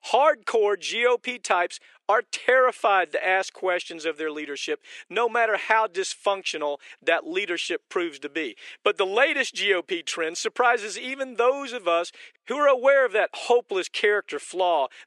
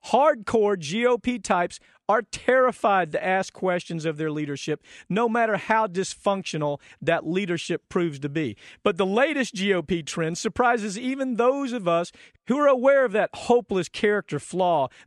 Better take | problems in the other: second | thin; very; fading below 350 Hz

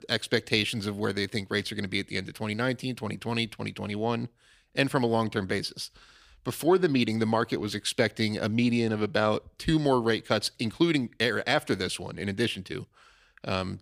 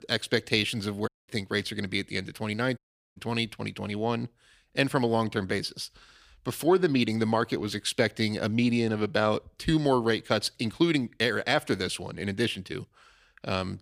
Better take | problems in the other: first | audio cutting out; at 1 s and at 3 s

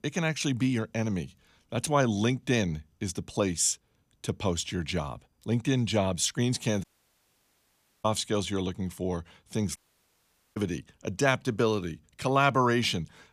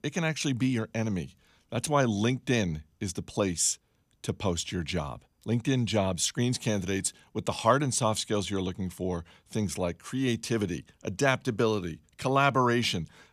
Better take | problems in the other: second | audio cutting out; at 7 s for 1 s and at 10 s for 1 s

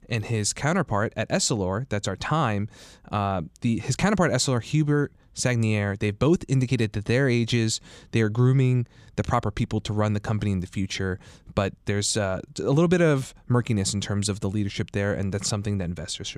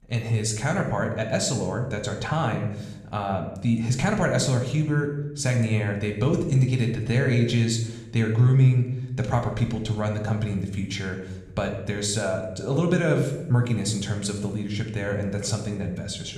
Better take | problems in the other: first | room echo; slight; dies away in 0.8 s

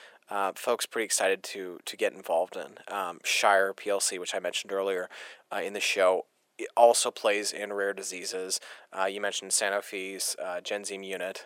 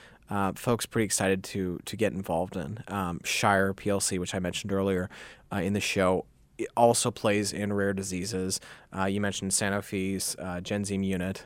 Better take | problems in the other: second | thin; very; fading below 400 Hz

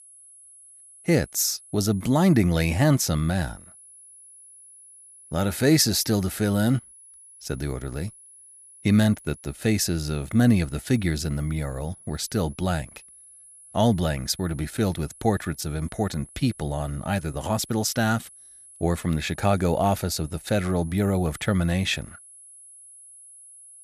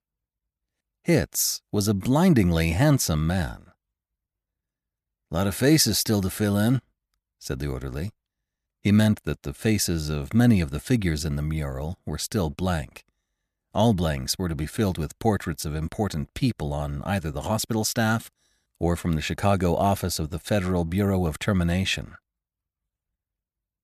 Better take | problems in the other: second | high-pitched whine; faint; throughout; 10.5 kHz, 20 dB below the speech

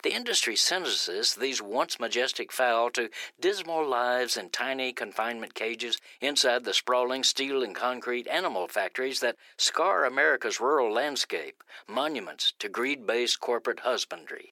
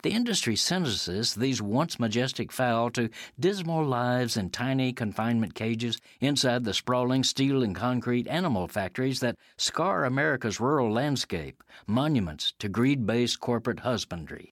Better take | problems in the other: second | thin; very; fading below 400 Hz

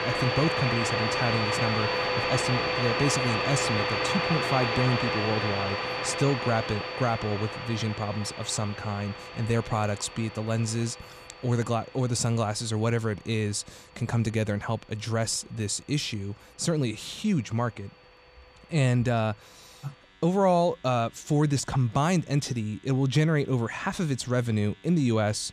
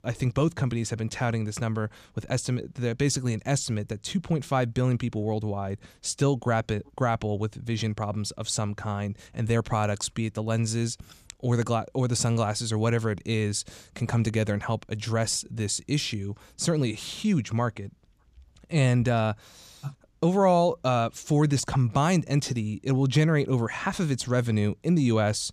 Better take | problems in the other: second | household noises; loud; throughout; 1 dB below the speech

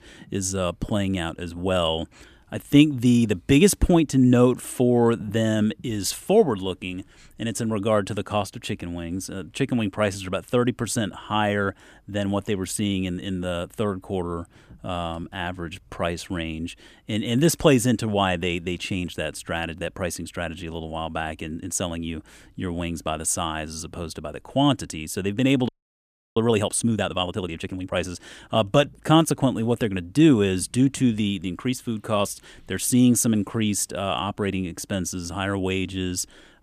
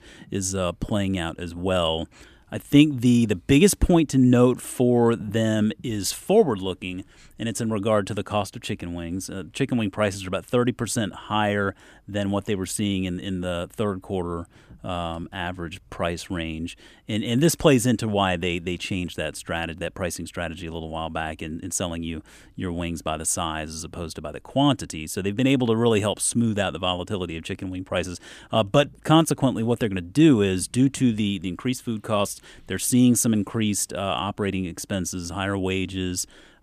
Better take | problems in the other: second | audio freezing; at 26 s for 0.5 s

